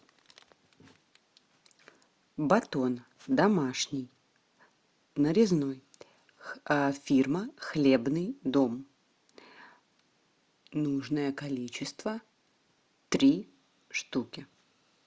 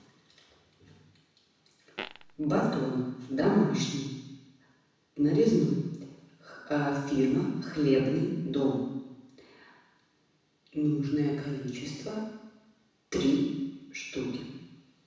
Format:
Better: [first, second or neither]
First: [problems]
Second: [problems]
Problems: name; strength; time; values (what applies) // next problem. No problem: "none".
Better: first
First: none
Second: background sound (Fart); 13 dB below the speech // room echo; dies away in 1.1 s